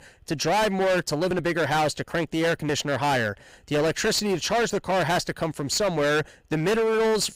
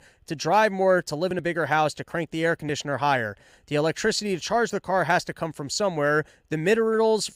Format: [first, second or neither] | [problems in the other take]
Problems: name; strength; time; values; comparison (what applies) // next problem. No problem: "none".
second | distortion; heavy; 23% of the sound clipped